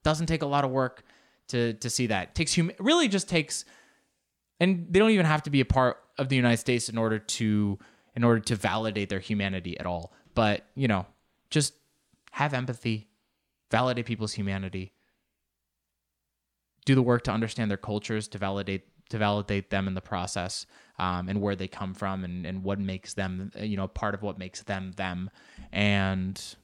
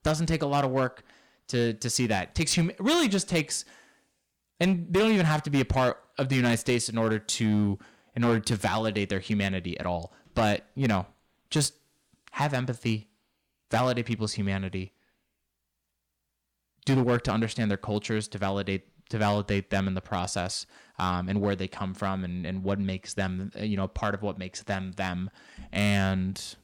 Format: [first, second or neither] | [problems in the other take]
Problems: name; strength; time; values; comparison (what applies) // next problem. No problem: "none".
first | distortion; slight; 4% of the sound clipped